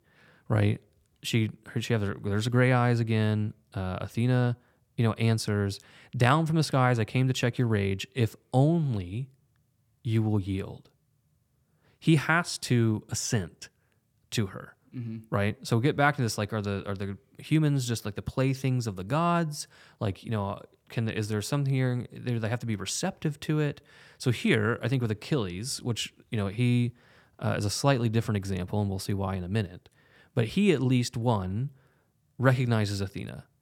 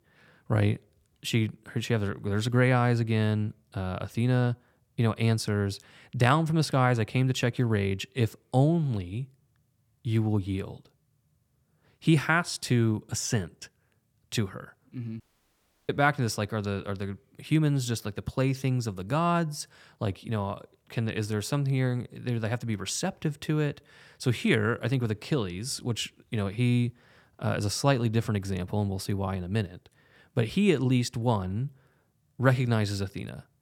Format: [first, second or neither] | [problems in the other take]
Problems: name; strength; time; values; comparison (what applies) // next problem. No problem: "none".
first | audio cutting out; at 15 s for 0.5 s